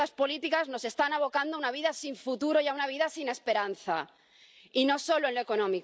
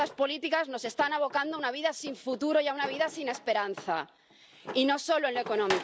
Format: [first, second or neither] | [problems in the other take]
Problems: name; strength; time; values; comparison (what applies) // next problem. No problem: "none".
first | background sound (Drawer open or close); 14 dB below the speech